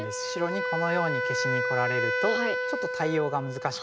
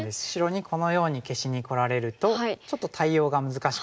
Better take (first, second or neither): second